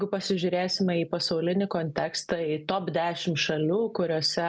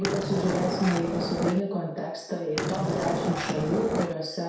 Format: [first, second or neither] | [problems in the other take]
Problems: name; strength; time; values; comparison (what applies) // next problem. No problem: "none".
first | background sound (Skateboard); 1 dB below the speech // room echo; dies away in 0.7 s